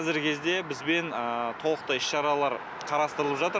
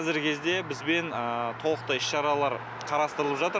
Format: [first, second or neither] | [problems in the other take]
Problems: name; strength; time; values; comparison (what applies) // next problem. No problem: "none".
first | background sound (Bass guitar); 18 dB below the speech